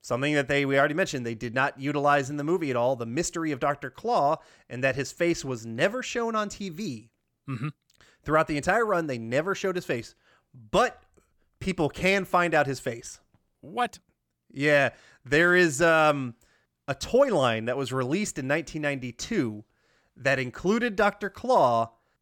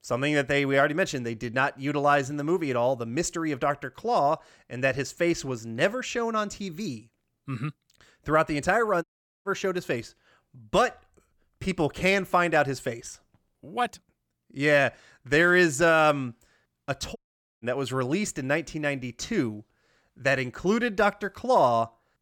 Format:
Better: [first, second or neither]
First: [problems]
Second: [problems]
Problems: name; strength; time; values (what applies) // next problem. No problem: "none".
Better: first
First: none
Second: audio cutting out; at 9 s and at 17 s